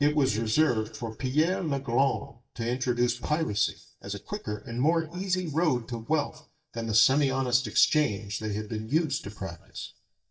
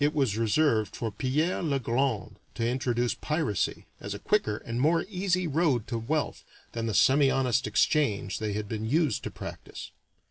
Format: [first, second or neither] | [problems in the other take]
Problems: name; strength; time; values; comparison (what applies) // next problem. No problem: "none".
second | noise reduction (neural mask model DeepFilterNet 3)